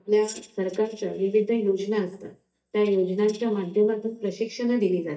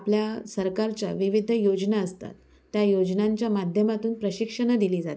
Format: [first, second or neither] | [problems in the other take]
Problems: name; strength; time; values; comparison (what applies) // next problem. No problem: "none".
second | noise reduction (neural mask model DeepFilterNet 3)